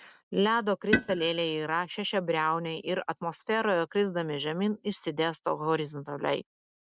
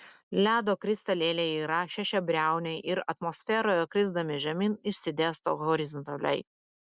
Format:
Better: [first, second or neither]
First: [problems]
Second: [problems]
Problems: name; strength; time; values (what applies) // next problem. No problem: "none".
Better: second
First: noise reduction (neural mask model RNNoise)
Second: none